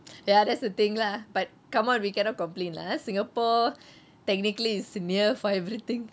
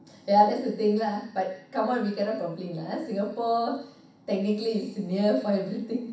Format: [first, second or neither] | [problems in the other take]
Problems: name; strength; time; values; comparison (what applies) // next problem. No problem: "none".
first | room echo; dies away in 0.7 s